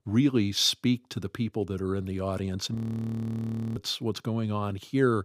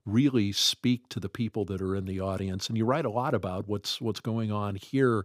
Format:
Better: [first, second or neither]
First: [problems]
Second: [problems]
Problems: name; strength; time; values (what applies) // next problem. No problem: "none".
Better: second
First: audio freezing; at 3 s for 1 s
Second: none